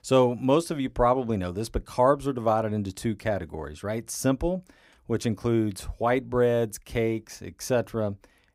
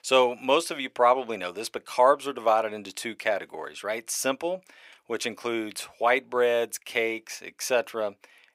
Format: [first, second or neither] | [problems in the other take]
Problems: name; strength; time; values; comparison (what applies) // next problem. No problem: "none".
first | thin; somewhat; fading below 550 Hz